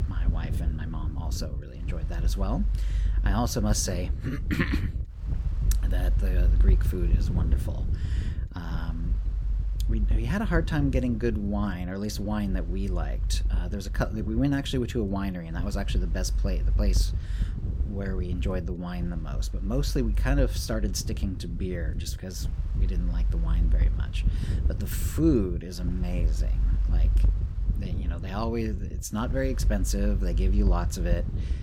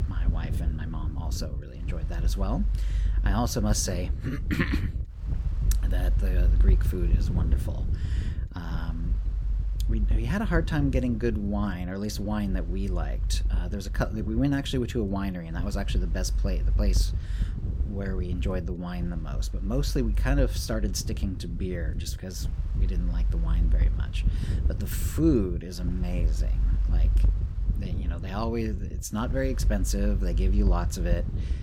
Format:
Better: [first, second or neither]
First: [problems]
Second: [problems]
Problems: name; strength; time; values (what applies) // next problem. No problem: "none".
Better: neither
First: wind noise on the microphone; occasional gusts; 10 dB below the speech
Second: wind noise on the microphone; occasional gusts; 10 dB below the speech